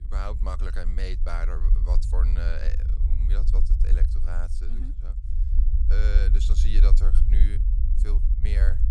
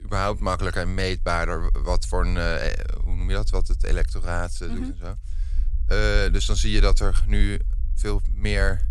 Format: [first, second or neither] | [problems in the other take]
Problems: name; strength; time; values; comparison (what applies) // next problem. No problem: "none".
second | low rumble; loud; throughout; 7 dB below the speech; faint in the second